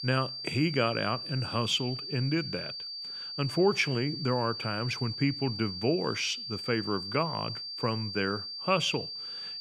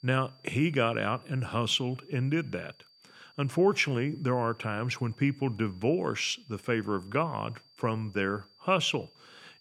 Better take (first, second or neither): second